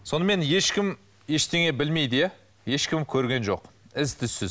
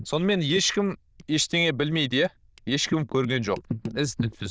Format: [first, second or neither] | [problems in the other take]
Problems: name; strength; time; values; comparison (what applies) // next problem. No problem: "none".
first | noise reduction (neural diffusion model UNIVERSE++)